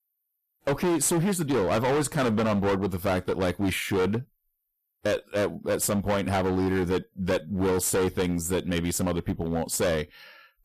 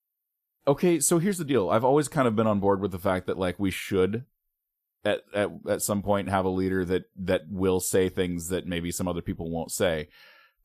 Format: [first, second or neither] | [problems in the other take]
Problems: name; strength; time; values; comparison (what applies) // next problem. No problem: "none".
second | distortion; heavy; 19% of the sound clipped